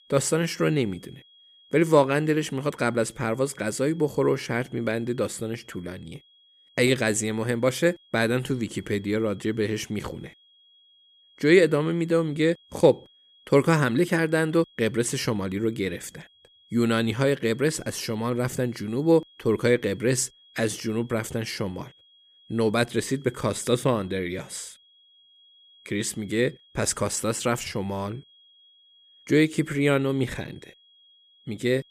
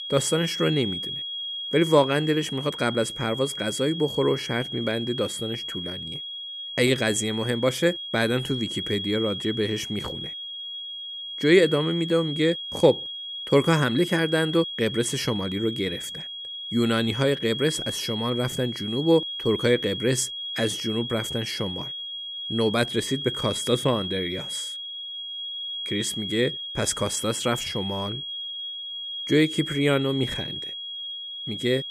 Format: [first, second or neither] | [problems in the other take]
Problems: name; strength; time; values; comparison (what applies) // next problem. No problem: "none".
first | high-pitched whine; loud; throughout; 3.5 kHz, 6 dB below the speech; faint in the first